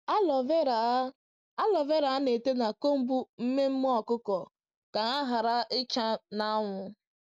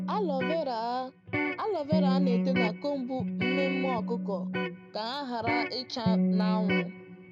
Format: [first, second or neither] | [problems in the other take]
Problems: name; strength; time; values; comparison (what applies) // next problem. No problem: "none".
first | background sound (Electric guitar); 3 dB above the speech